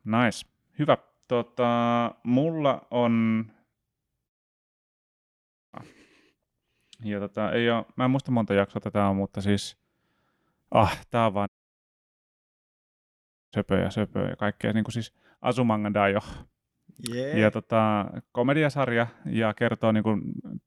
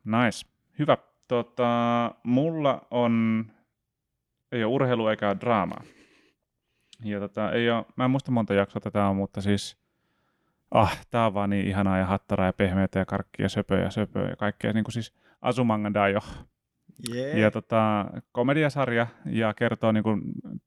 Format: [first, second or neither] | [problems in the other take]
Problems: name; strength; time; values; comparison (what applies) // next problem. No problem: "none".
second | audio cutting out; at 4.5 s for 1.5 s and at 11 s for 2 s